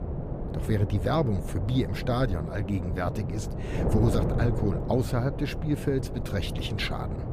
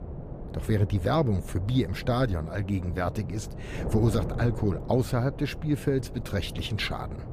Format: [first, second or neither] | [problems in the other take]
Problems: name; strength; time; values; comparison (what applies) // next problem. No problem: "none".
second | wind noise on the microphone; heavy; 6 dB below the speech; occasional gusts in the second